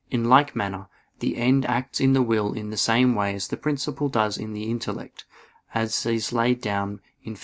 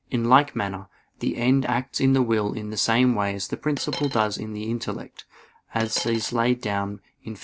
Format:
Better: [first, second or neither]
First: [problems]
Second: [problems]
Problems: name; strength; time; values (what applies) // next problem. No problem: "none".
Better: first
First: none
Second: background sound (Coin (dropping)); 11 dB below the speech